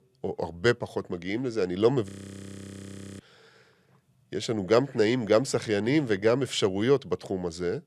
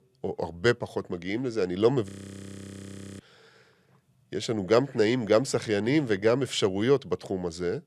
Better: neither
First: audio freezing; at 2 s for 1 s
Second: audio freezing; at 2 s for 1 s

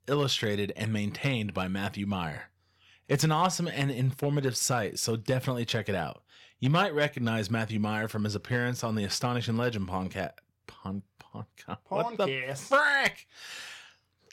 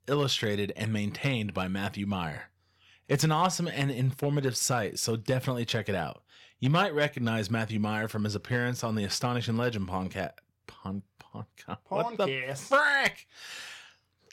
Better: neither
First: none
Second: none

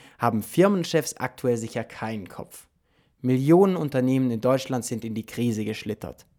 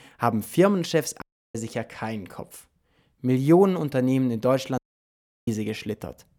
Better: first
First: none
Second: audio cutting out; at 1 s and at 5 s for 0.5 s

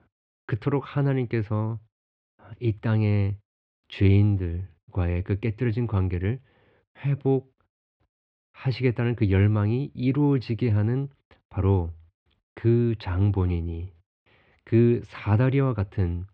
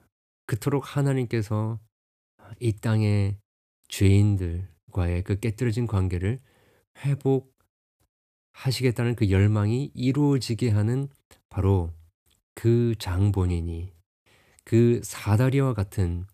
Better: second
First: muffled; slightly; fading above 3.5 kHz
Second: none

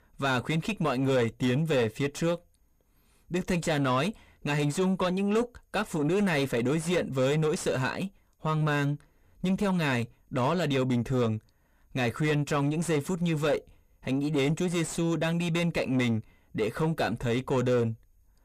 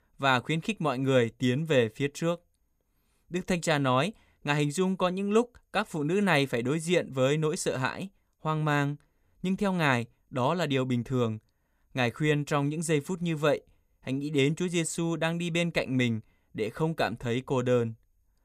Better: second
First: distortion; heavy; 7 dB below the speech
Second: none

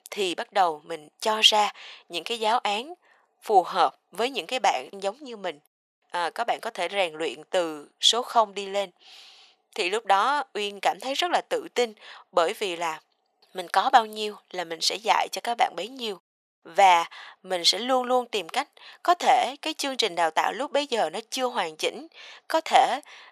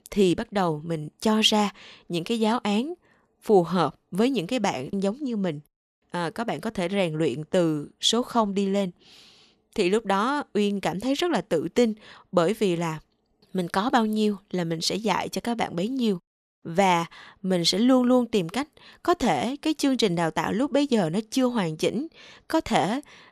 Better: second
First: thin; very; fading below 650 Hz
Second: none

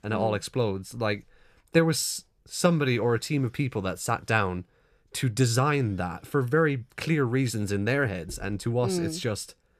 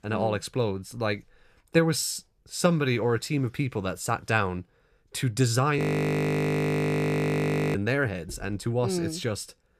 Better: first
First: none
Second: audio freezing; at 6 s for 2 s

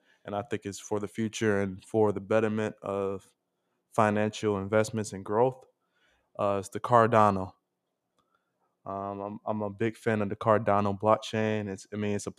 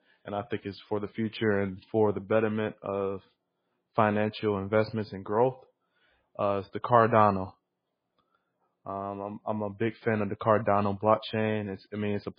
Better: first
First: none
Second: garbled, watery; badly; nothing above 4 kHz

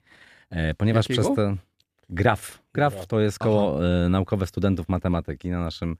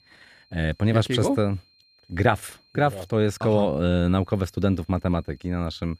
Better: first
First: none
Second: high-pitched whine; faint; throughout; 4 kHz, 35 dB below the speech

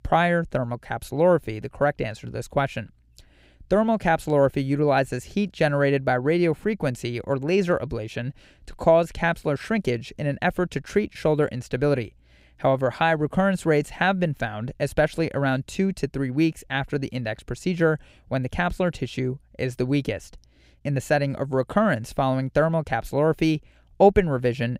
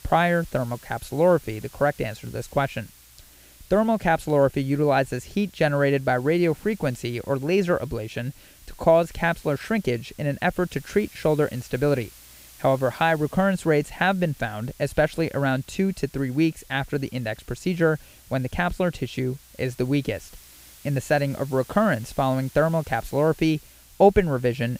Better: first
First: none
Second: hiss; faint; throughout; 25 dB below the speech

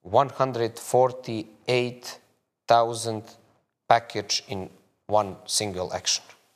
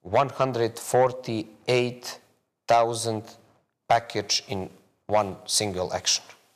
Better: first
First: none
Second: distortion; slight; 10 dB below the speech

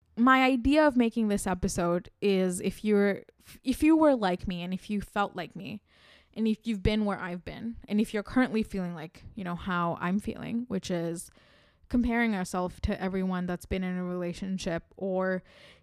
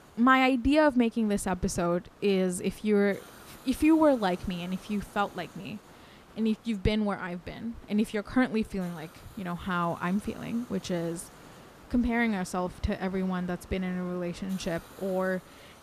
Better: first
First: none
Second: hiss; faint; throughout; 25 dB below the speech

